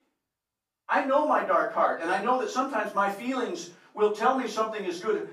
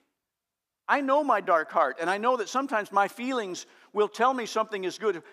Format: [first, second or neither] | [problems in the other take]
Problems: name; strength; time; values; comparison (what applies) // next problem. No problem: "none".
second | off-mic speech; far // room echo; noticeable; dies away in 0.4 s